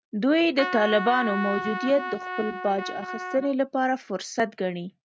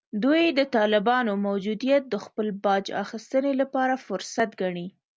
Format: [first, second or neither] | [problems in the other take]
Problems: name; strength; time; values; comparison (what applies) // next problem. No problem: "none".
second | noise reduction (neural mask model RNNoise)